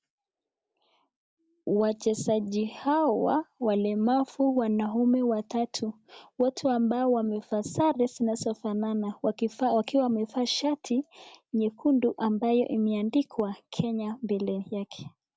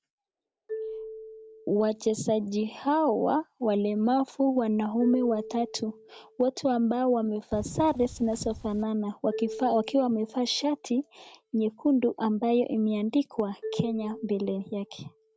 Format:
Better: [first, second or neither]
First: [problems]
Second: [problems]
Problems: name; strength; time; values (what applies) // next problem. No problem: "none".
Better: first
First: none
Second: background sound (Marimba, xylophone + Wind); 16 dB below the speech